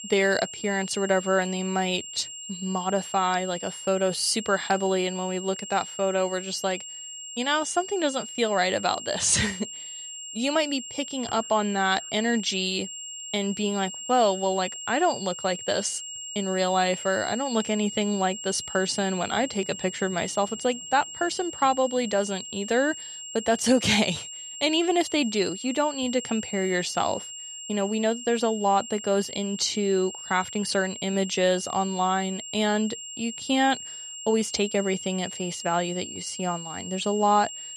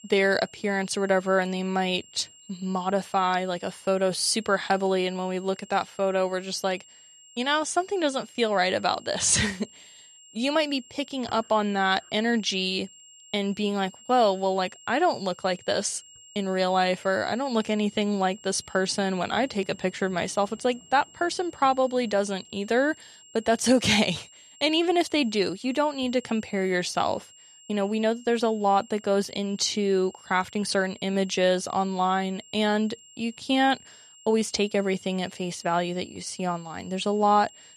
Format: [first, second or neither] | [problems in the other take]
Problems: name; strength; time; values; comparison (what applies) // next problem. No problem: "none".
second | high-pitched whine; loud; throughout; 3 kHz, 9 dB below the speech; faint in the second